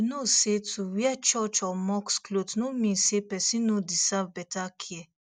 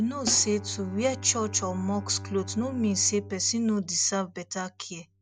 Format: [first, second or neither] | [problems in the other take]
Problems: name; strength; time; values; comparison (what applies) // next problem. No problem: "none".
first | background sound (Bowed string instrument + Snare drum); 13 dB below the speech